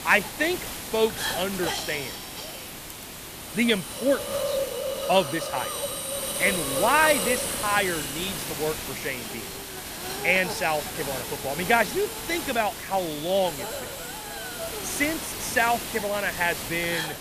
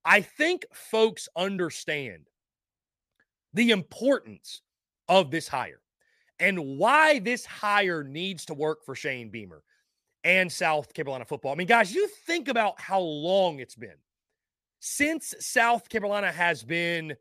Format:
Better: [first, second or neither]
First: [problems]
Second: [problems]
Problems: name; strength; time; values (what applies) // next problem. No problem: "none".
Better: second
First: hiss; loud; throughout; 5 dB below the speech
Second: none